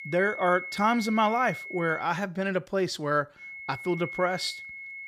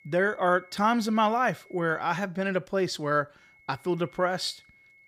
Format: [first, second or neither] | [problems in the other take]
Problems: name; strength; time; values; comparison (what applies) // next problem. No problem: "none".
second | high-pitched whine; loud; until 2 s and from 3.5 s on; 2 kHz, 10 dB below the speech; faint in the second